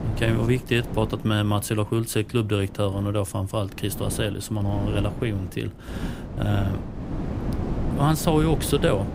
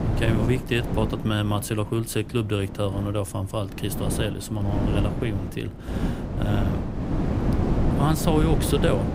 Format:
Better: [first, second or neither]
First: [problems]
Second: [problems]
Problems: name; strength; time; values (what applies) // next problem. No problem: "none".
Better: first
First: wind noise on the microphone; occasional gusts; 10 dB below the speech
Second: wind noise on the microphone; heavy; 4 dB below the speech